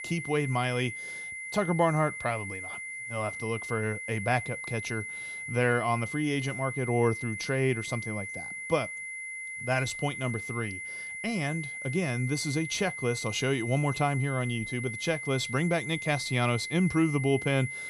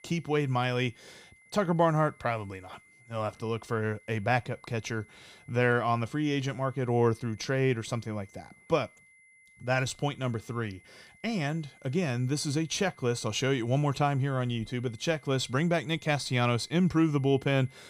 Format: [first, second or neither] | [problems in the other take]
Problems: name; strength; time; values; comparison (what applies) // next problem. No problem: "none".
second | high-pitched whine; loud; throughout; 2 kHz, 6 dB below the speech; faint in the second